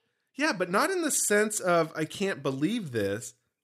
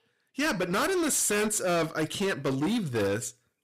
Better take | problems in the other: first | distortion; heavy; 23% of the sound clipped

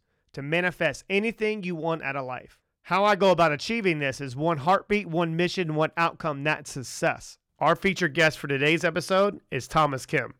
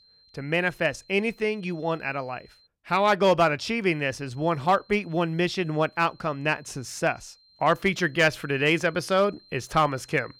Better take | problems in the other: first | high-pitched whine; faint; until 2.5 s and from 4 s on; 4 kHz, 30 dB below the speech

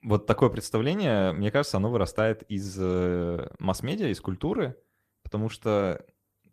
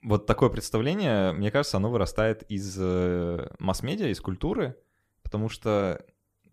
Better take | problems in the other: second | garbled, watery; slightly; nothing above 14.5 kHz

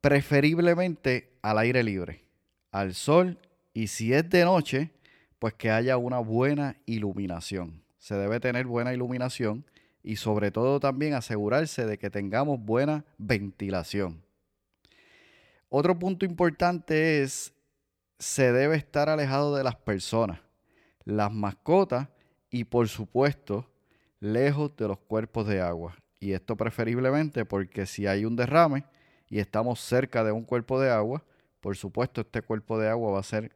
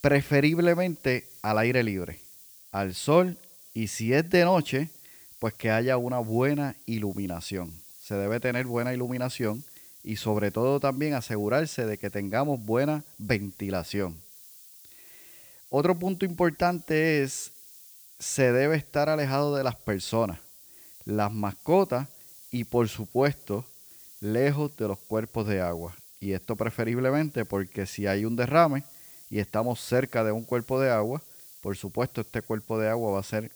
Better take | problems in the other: first | hiss; noticeable; throughout; 20 dB below the speech

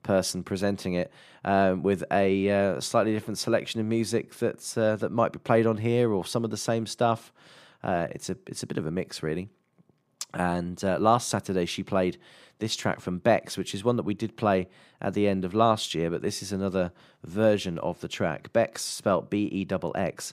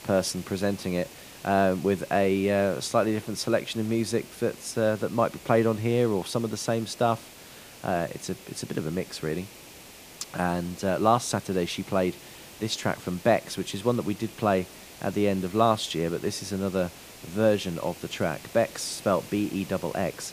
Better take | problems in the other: first | hiss; noticeable; throughout; 15 dB below the speech

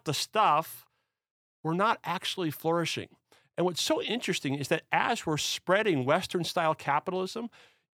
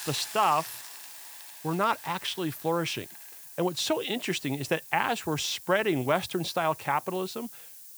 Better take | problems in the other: first | hiss; noticeable; throughout; 15 dB below the speech

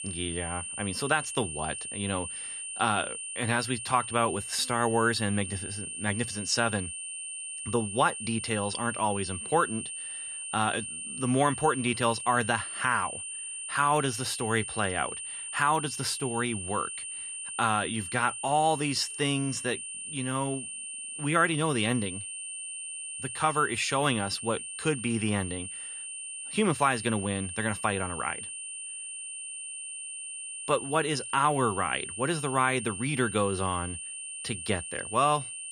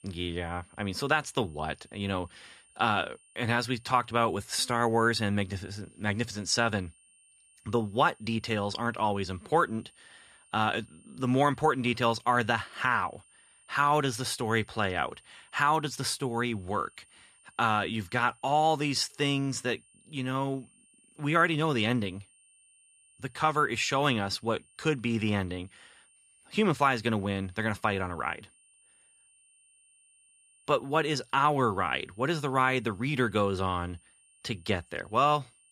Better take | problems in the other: second | high-pitched whine; loud; throughout; 9 kHz, 6 dB below the speech; faint in the second

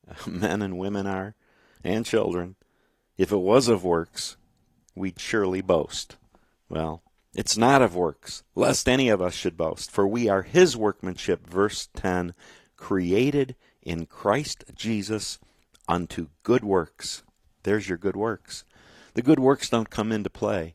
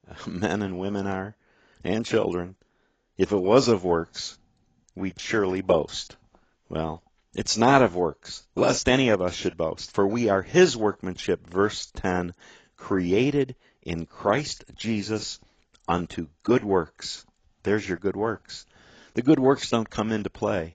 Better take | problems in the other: first | garbled, watery; badly; nothing above 7.5 kHz; slightly in the first

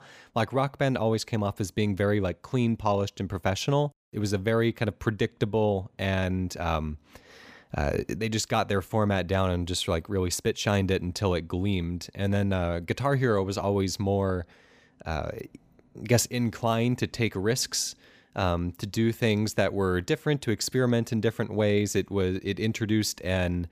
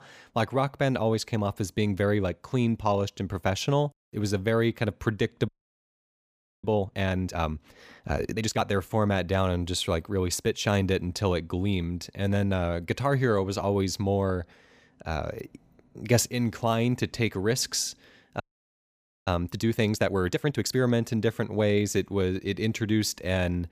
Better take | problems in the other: first | audio freezing; at 5.5 s for 1 s and at 18 s for 1 s

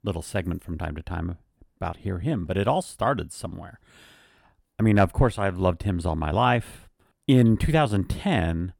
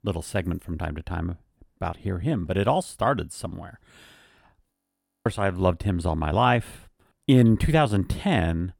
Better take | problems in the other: first | audio freezing; at 4.5 s for 0.5 s

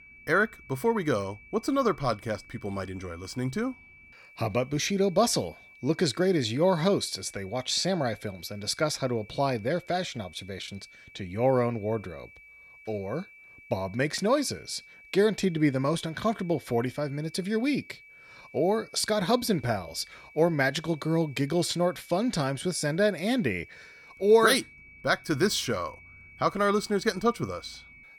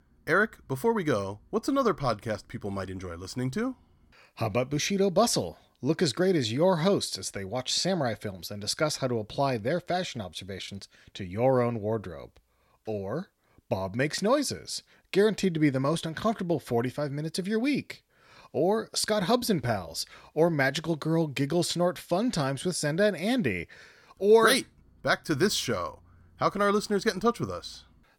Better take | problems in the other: second | high-pitched whine; faint; throughout; 2.5 kHz, 20 dB below the speech

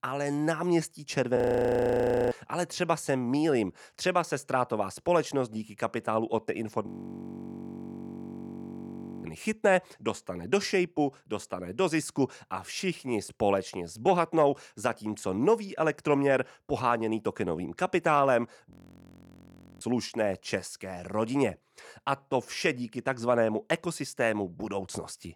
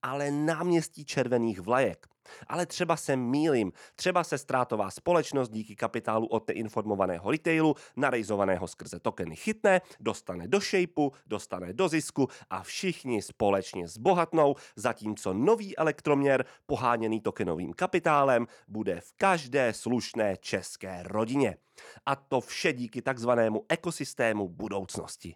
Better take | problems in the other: second | audio freezing; at 1.5 s for 1 s, at 7 s for 2.5 s and at 19 s for 1 s

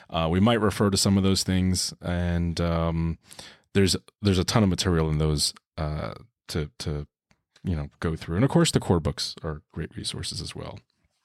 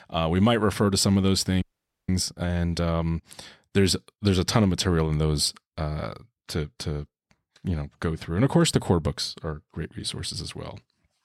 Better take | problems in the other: first | audio freezing; at 1.5 s

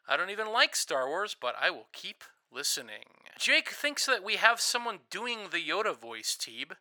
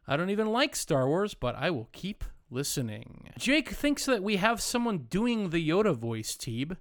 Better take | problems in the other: second | thin; very; fading below 750 Hz

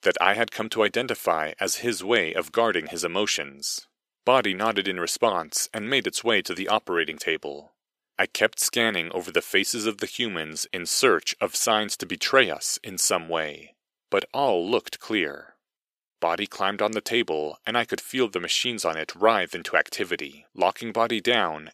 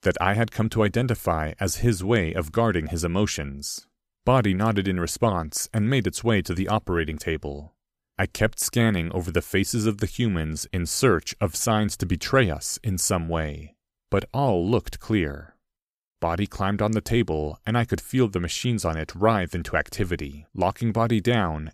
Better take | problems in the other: second | thin; somewhat; fading below 400 Hz

